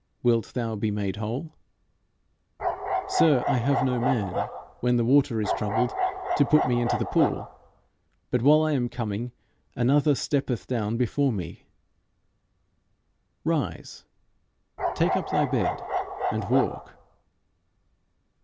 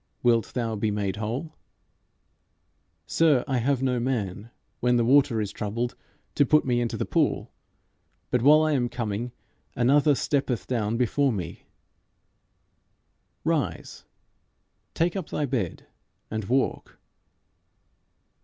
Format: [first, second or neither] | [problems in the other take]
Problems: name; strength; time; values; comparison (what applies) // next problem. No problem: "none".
second | background sound (Bark); 2 dB below the speech